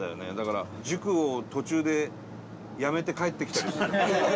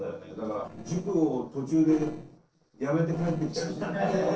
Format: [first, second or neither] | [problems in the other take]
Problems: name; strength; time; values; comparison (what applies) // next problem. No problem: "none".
first | noise reduction (neural separator model SepFormer DNS4)